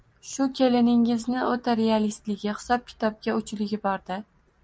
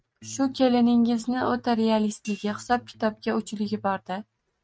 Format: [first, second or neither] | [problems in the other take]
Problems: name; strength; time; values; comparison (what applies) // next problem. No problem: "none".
first | noise reduction (neural mask model RNNoise)